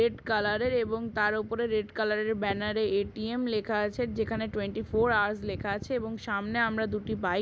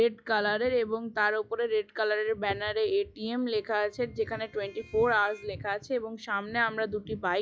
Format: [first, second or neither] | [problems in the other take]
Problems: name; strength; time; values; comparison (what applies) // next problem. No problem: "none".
first | noise reduction (classical method log-MMSE)